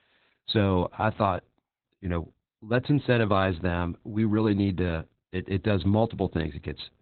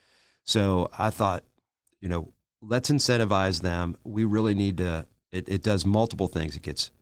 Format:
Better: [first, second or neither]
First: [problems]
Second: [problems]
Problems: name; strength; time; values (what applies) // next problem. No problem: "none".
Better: second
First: garbled, watery; badly; nothing above 4 kHz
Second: garbled, watery; slightly